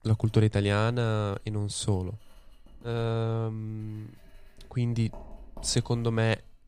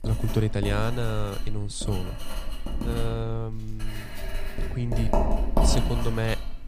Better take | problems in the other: first | household noises; loud; throughout; 2 dB below the speech; faint in the first

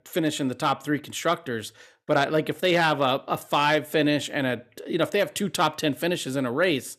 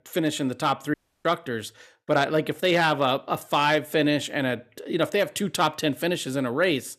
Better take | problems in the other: first | audio cutting out; at 1 s

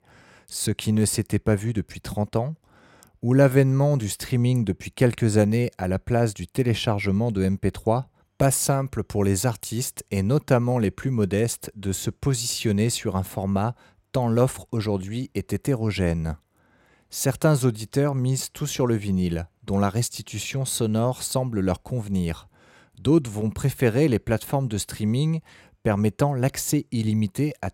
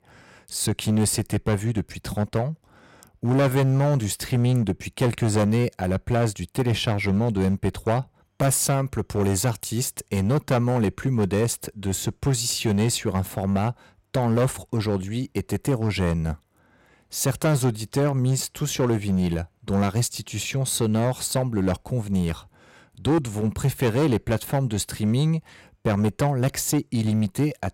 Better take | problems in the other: first | distortion; slight; 8% of the sound clipped

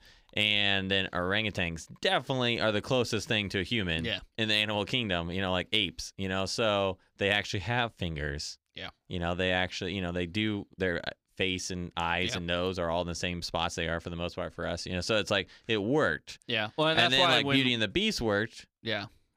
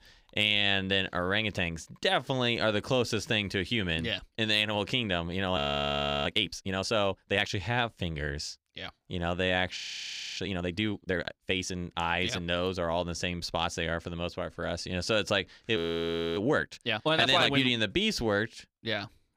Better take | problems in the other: first | audio freezing; at 5.5 s for 0.5 s, at 10 s for 0.5 s and at 16 s for 0.5 s

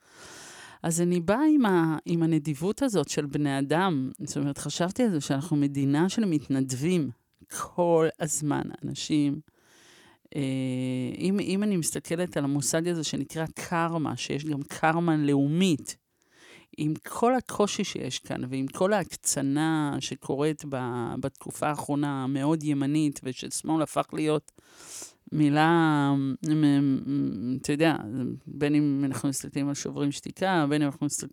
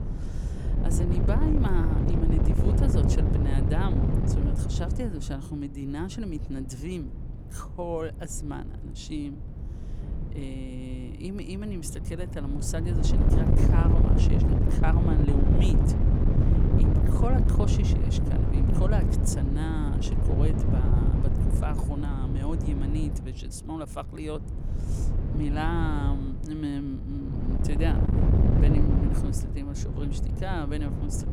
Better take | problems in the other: first | wind noise on the microphone; heavy; 1 dB above the speech

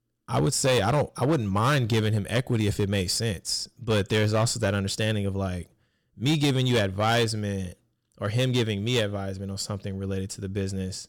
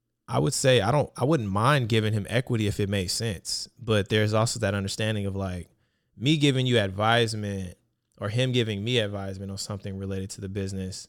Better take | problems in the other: second | distortion; slight; 7% of the sound clipped

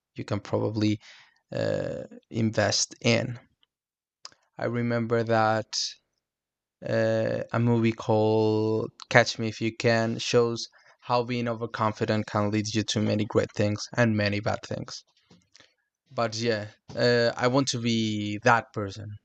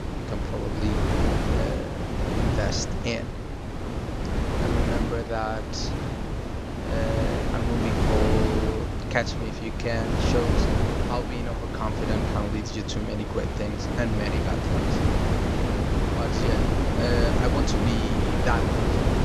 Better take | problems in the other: first | wind noise on the microphone; heavy; 2 dB above the speech

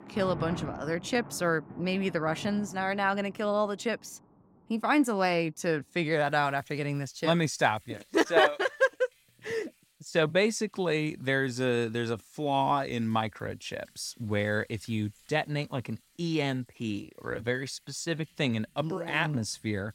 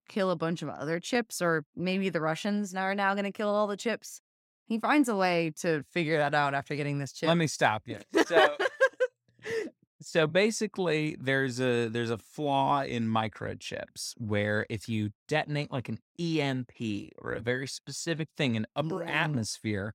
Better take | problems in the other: second | rain or running water; noticeable; throughout; 15 dB below the speech

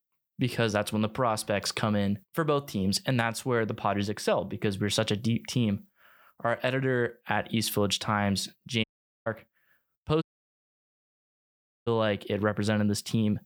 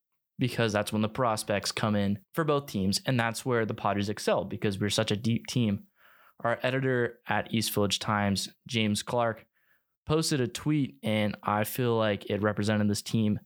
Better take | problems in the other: second | audio cutting out; at 9 s and at 10 s for 1.5 s

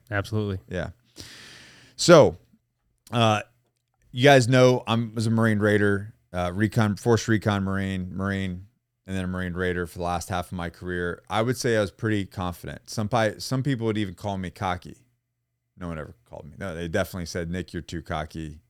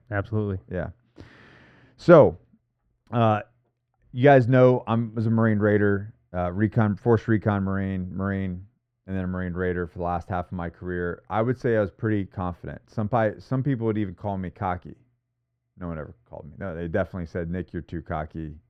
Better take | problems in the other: first | muffled; very; fading above 3.5 kHz

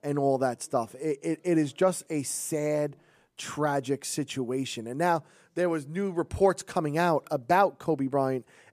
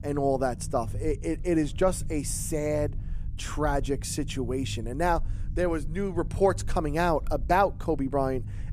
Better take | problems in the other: first | low rumble; faint; throughout; 25 dB below the speech

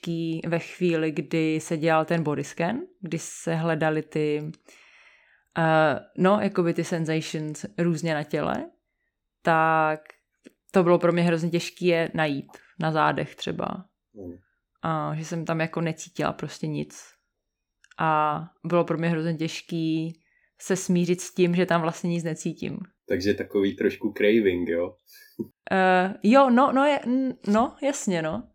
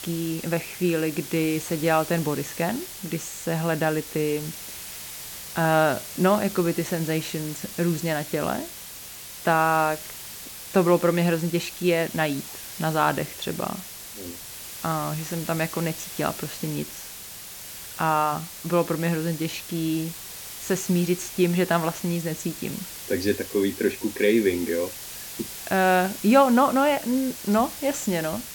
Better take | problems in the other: first | hiss; noticeable; throughout; 10 dB below the speech

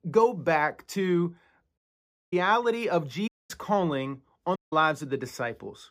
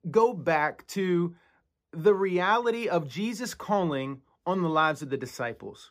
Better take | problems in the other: second | audio cutting out; at 2 s for 0.5 s, at 3.5 s and at 4.5 s

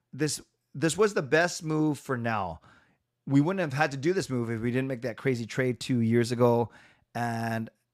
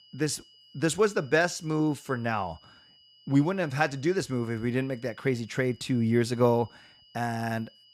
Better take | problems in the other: first | high-pitched whine; faint; throughout; 3 kHz, 25 dB below the speech

